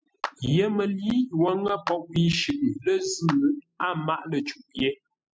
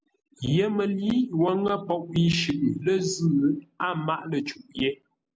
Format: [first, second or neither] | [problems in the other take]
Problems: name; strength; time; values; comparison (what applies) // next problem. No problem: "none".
second | noise reduction (classical method spectral subtraction)